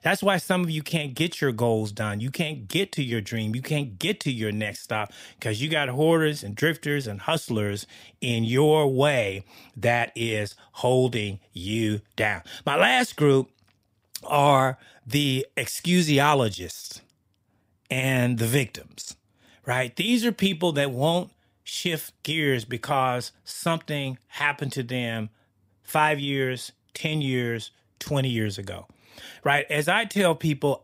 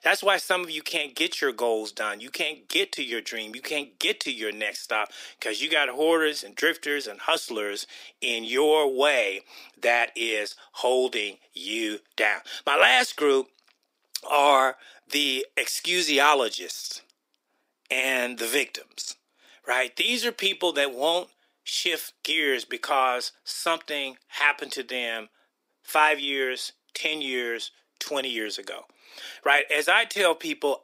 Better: first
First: none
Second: thin; very; fading below 300 Hz

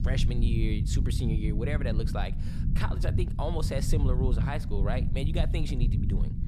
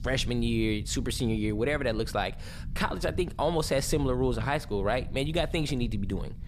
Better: second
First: low rumble; loud; throughout; 6 dB below the speech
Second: low rumble; faint; throughout; 25 dB below the speech

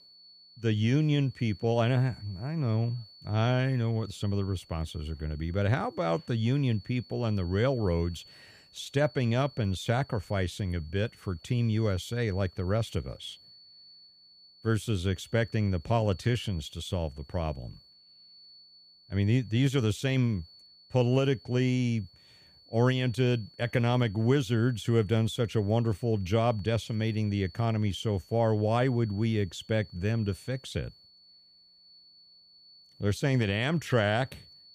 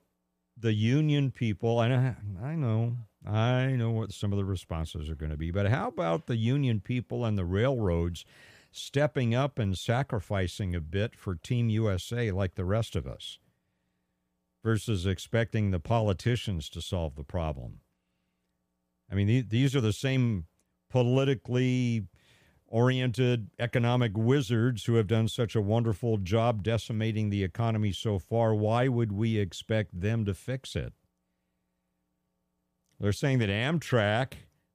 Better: second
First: high-pitched whine; faint; throughout; 4.5 kHz, 25 dB below the speech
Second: none

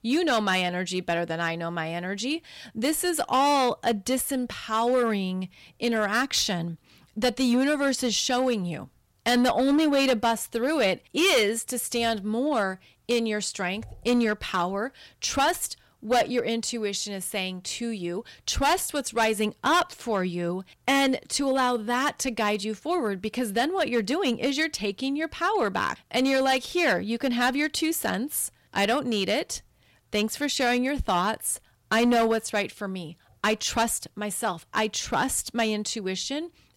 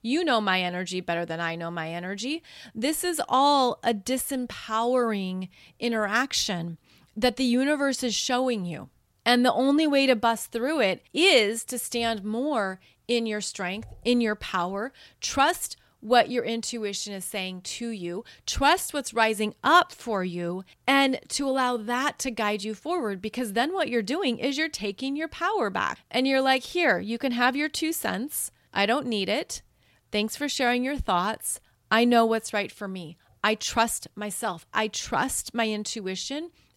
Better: second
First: distortion; slight; 5% of the sound clipped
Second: none

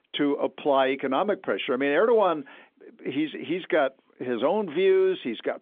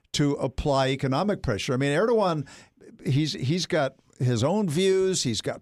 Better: second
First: phone-call audio; nothing above 3.5 kHz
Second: none

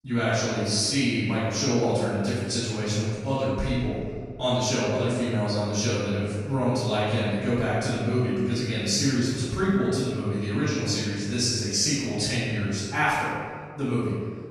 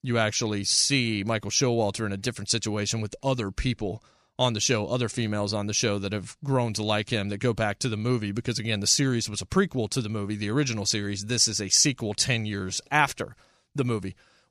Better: second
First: off-mic speech; far // room echo; strong; dies away in 1.7 s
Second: none

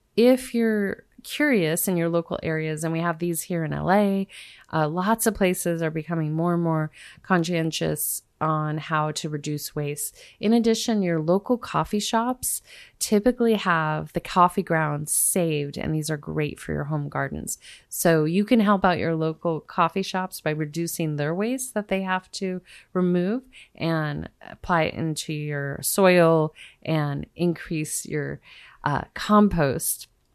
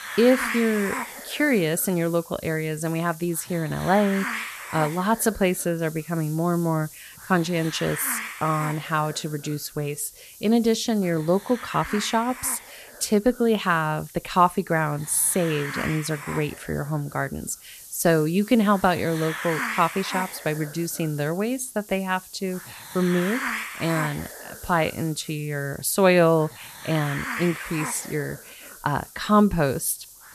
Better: first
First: none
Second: hiss; noticeable; throughout; 10 dB below the speech

